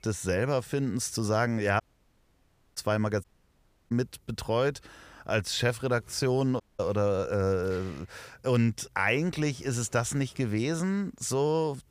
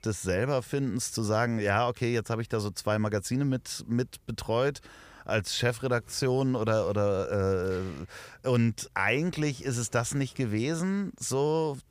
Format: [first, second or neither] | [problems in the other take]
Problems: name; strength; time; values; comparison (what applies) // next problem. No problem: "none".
second | audio cutting out; at 2 s for 1 s, at 3 s for 0.5 s and at 6.5 s